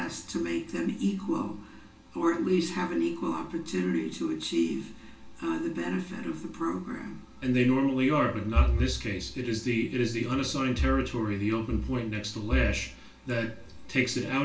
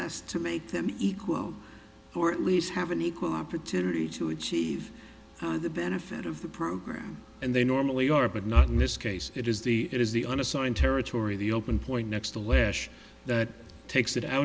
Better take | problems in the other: second | room echo; dies away in 0.3 s

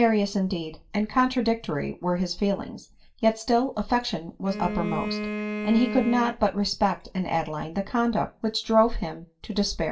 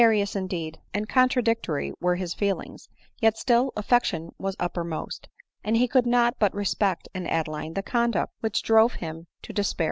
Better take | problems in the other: second | background sound (Bowed string instrument); 7 dB below the speech // room echo; dies away in 0.2 s

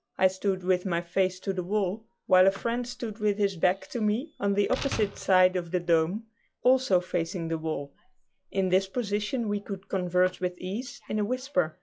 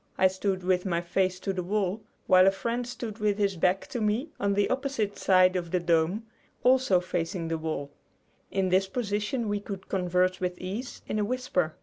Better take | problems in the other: second | noise reduction (classical method log-MMSE)

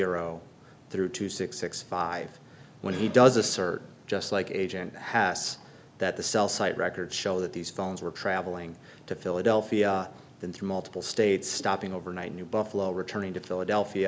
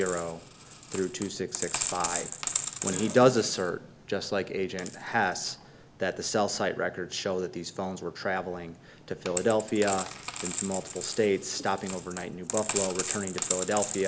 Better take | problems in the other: first | background sound (Coin (dropping)); 7 dB below the speech

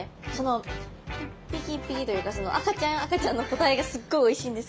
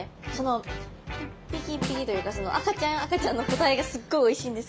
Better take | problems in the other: first | background sound (Snare drum); 10 dB below the speech

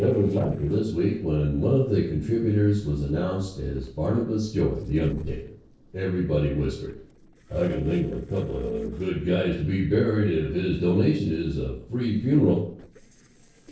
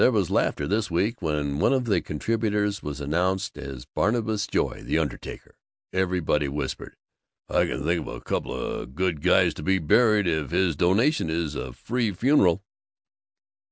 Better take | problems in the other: second | noise reduction (neural separator model SepFormer DNS4)

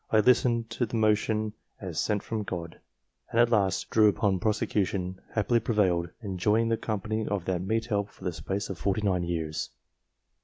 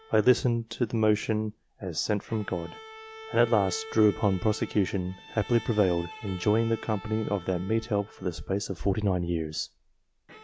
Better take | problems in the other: first | background sound (Bowed string instrument); 19 dB below the speech

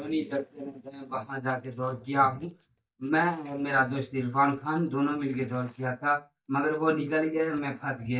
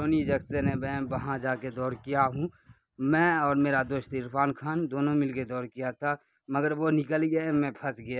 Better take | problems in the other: second | noise reduction (neural mask model DeepFilterNet 3)

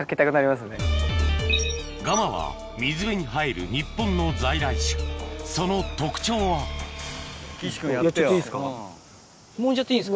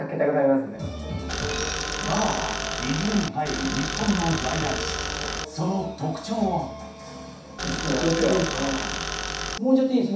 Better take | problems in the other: first | background sound (Tools); 3 dB below the speech // room echo; dies away in 0.7 s

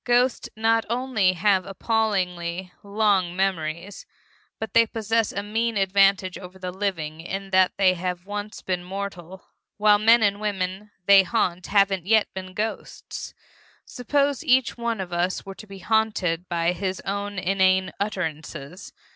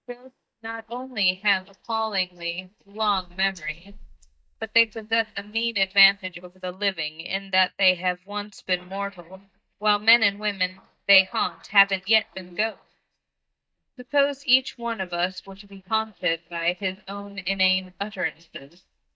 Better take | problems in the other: first | noise reduction (neural mask model DeepFilterNet 3)

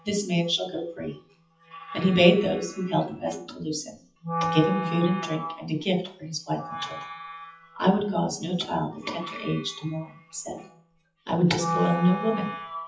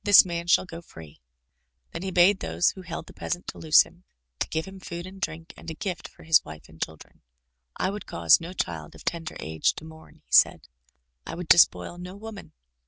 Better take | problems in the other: second | noise reduction (classical method WPE with log-MMSE)

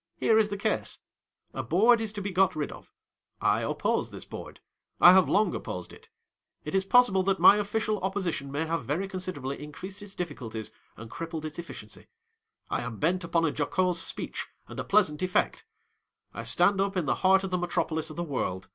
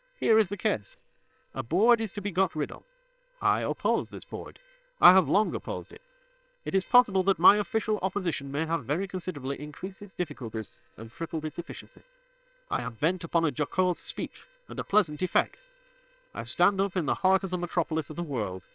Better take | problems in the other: first | noise reduction (neural separator model SepFormer WHAM!)

